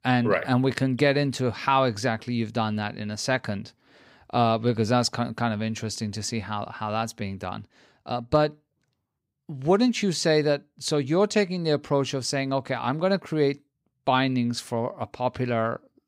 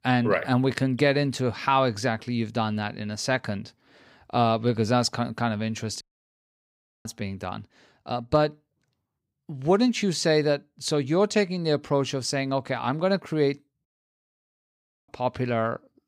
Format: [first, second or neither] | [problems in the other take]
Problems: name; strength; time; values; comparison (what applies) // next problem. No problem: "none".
first | audio cutting out; at 6 s for 1 s and at 14 s for 1 s